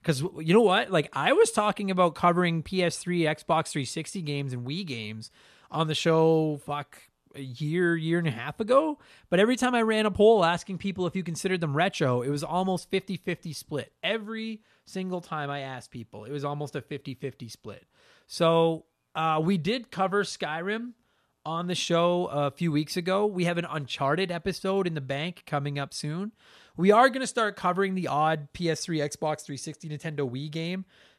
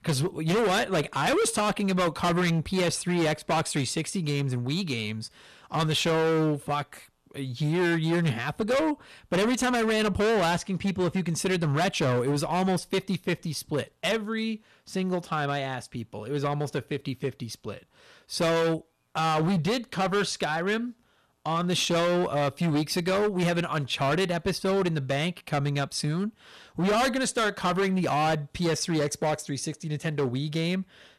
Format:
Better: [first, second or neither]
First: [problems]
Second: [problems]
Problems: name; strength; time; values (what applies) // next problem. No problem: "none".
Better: first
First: none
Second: distortion; heavy; 17% of the sound clipped